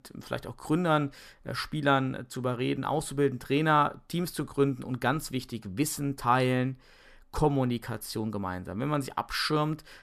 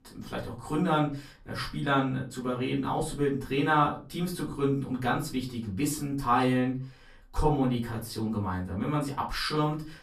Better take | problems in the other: first | off-mic speech; far // room echo; very slight; dies away in 0.3 s

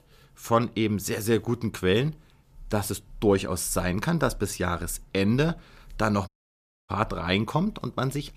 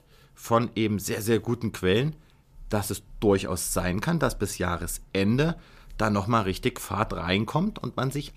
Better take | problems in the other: second | audio cutting out; at 6.5 s for 0.5 s

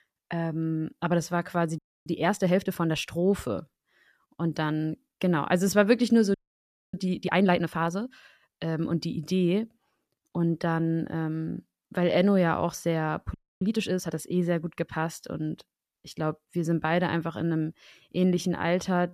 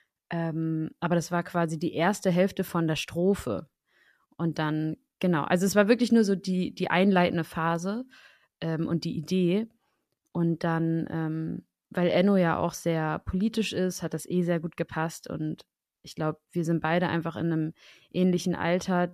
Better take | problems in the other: second | audio freezing; at 2 s, at 6.5 s for 0.5 s and at 13 s

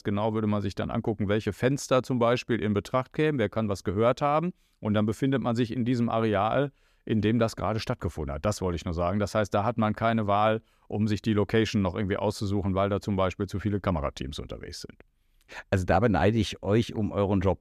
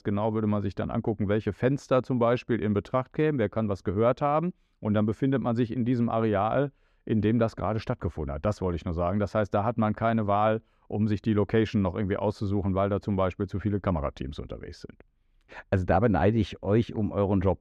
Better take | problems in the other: first | muffled; slightly; fading above 1.5 kHz

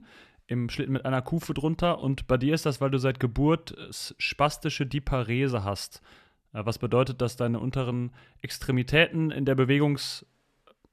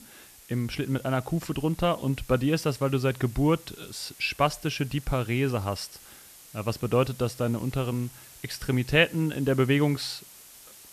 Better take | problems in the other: first | hiss; noticeable; throughout; 20 dB below the speech

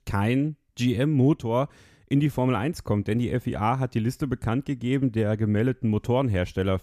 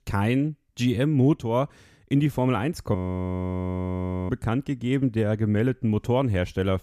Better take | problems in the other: first | audio freezing; at 3 s for 1.5 s

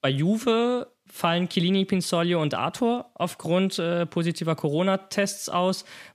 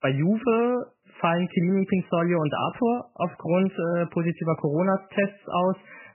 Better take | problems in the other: first | garbled, watery; badly; nothing above 3 kHz

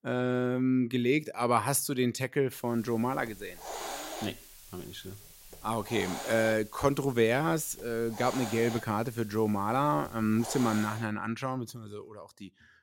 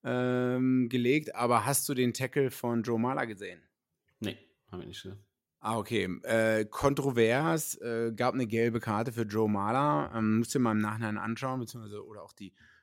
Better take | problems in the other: second | hiss; noticeable; from 2.5 to 11 s; 15 dB below the speech

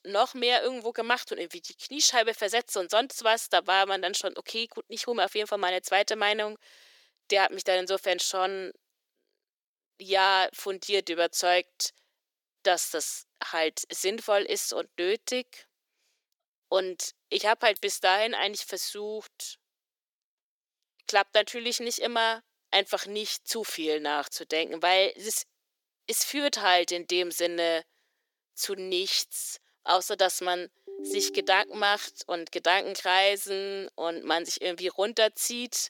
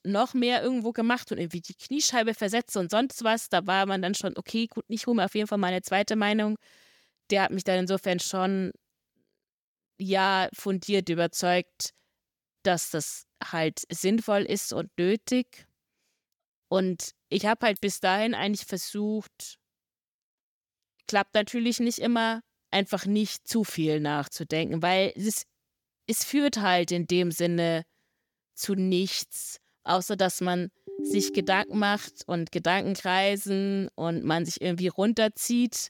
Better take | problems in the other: second | thin; very; fading below 400 Hz

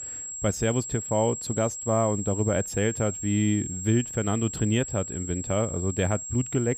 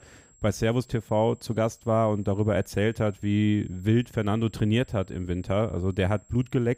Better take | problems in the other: second | high-pitched whine; loud; throughout; 7.5 kHz, 6 dB below the speech; faint in the second

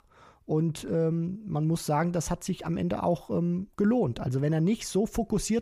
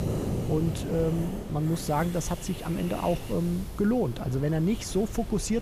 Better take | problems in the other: first | wind noise on the microphone; heavy; 9 dB below the speech

